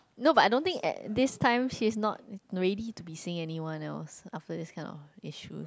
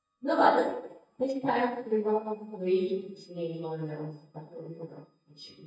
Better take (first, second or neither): first